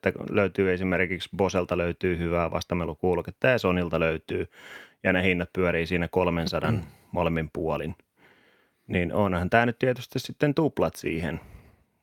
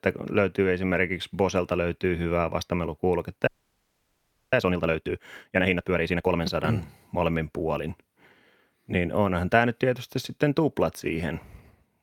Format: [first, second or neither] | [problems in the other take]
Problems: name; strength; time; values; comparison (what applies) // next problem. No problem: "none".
first | audio freezing; at 3.5 s for 1 s